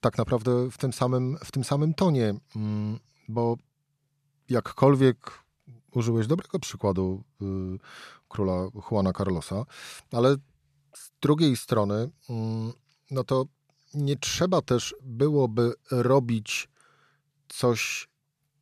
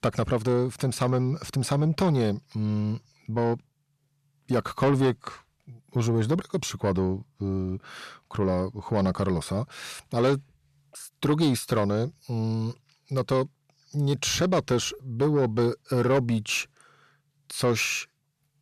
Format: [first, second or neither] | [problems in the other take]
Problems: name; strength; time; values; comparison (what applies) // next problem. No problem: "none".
first | distortion; slight; 10 dB below the speech